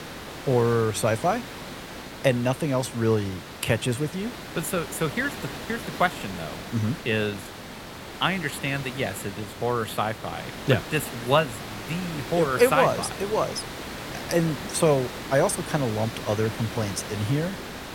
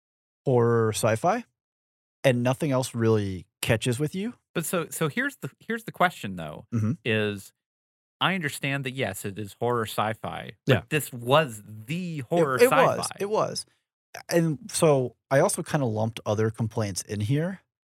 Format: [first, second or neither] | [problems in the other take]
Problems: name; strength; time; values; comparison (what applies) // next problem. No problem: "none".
second | hiss; loud; throughout; 10 dB below the speech